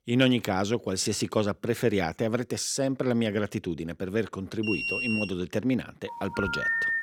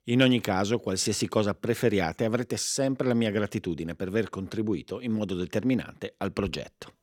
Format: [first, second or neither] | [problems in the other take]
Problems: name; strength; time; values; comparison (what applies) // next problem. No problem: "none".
second | alarm; loud; at 4.5 s; peak level with the speech // phone ringing; loud; at 6 s; peak 4 dB above the speech